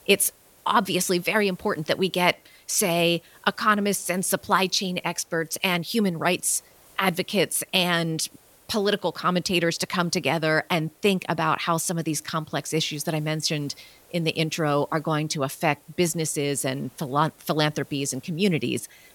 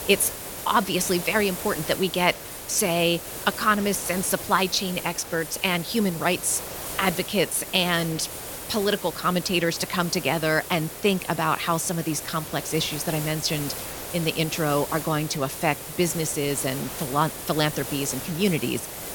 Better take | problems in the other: first | hiss; loud; throughout; 9 dB below the speech; faint in the first

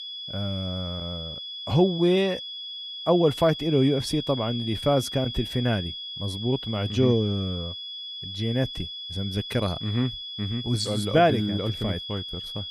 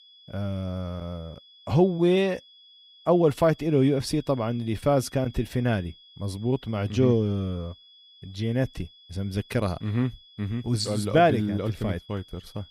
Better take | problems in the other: second | high-pitched whine; loud; throughout; 3.5 kHz, 8 dB below the speech; faint in the second

